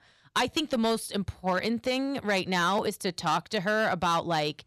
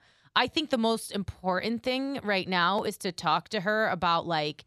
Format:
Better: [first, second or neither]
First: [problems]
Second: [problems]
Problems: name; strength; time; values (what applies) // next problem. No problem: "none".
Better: second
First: distortion; slight; 6% of the sound clipped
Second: none